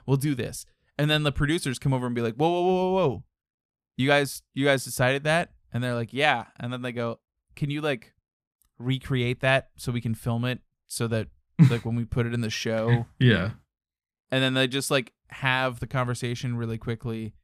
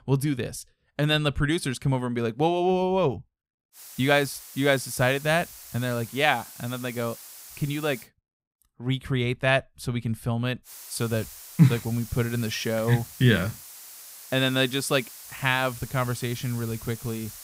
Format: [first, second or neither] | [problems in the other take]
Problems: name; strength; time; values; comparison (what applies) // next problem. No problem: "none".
first | hiss; noticeable; from 4 to 8 s and from 11 s on; 15 dB below the speech